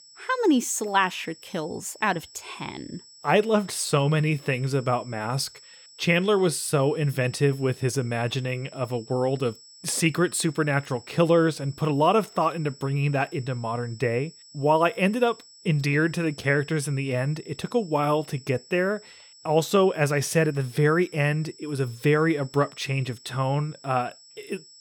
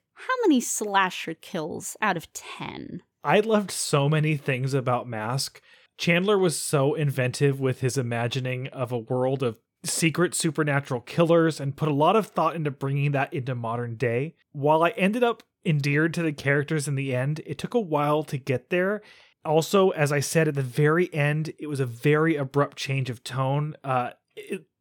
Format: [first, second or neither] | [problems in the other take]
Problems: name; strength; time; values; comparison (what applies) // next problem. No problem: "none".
second | high-pitched whine; faint; throughout; 5.5 kHz, 25 dB below the speech